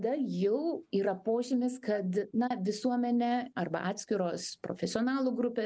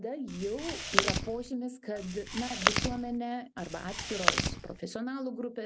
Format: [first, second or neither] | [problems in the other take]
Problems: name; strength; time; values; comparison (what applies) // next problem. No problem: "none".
first | background sound (Chewing, mastication); 4 dB above the speech